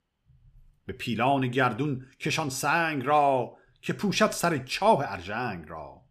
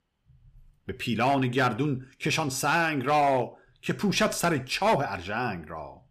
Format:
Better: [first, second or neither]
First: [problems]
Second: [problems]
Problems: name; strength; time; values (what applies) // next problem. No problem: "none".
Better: first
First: none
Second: distortion; slight; 4% of the sound clipped